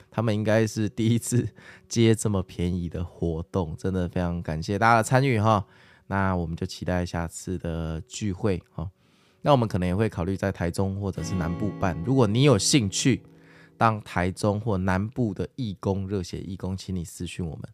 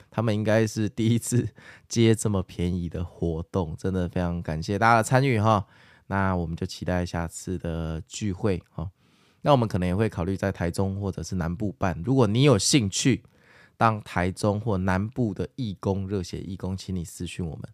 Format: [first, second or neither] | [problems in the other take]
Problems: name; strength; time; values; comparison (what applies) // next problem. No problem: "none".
second | background music; noticeable; throughout; 15 dB below the speech